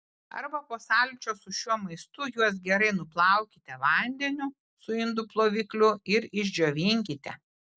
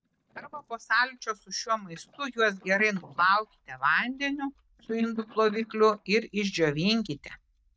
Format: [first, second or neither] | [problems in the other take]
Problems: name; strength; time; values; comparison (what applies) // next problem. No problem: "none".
first | noise reduction (neural mask model DeepFilterNet 3)